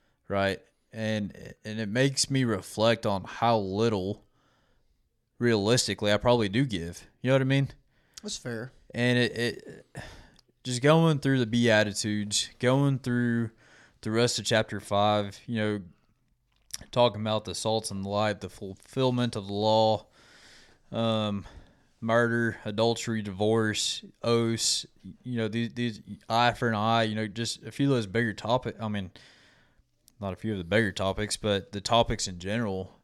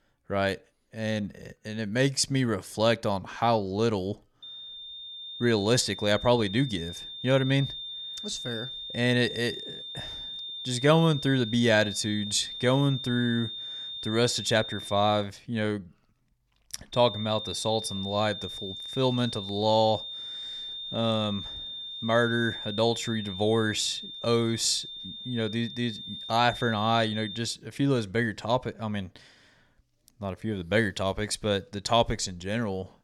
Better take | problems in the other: first | high-pitched whine; loud; from 4.5 to 15 s and from 17 to 27 s; 3.5 kHz, 9 dB below the speech

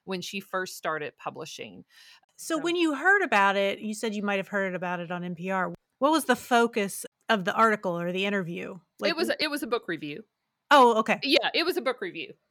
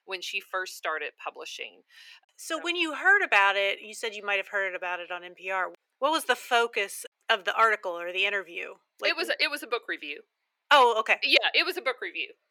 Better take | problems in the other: first | thin; very; fading below 350 Hz

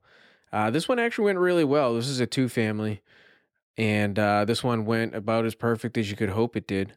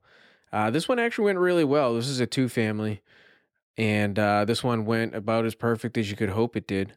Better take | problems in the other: neither | none

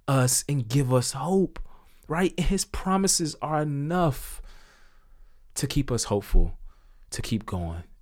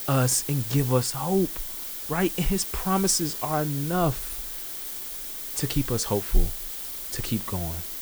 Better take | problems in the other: first | hiss; loud; throughout; 5 dB below the speech

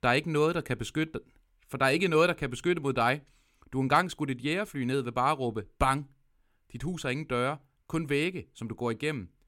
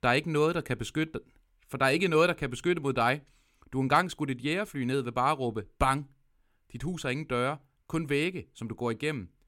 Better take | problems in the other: neither | none

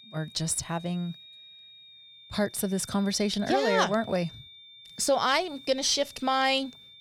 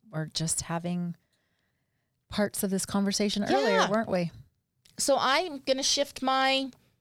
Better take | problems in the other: second | high-pitched whine; noticeable; throughout; 3.5 kHz, 20 dB below the speech

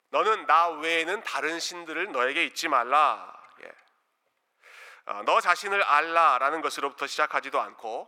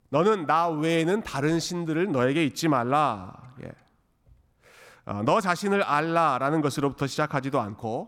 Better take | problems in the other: second | thin; very; fading below 450 Hz

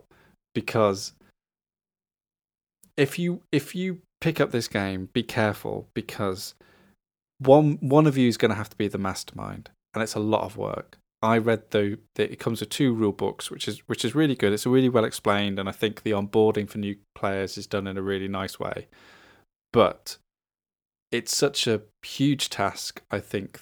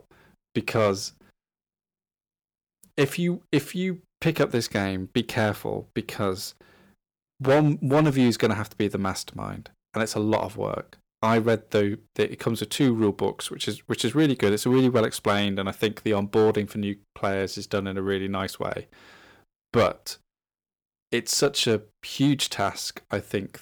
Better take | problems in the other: first | distortion; slight; 3% of the sound clipped

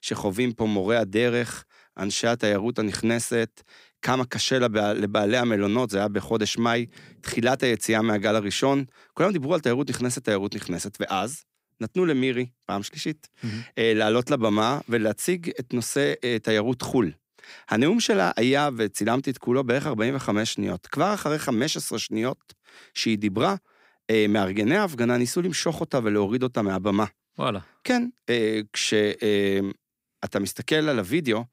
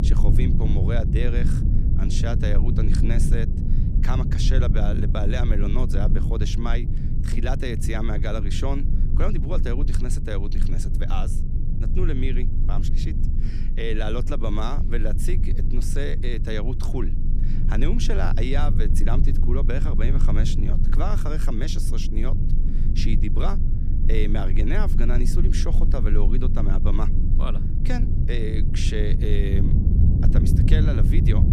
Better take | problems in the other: first | low rumble; loud; throughout; 5 dB below the speech

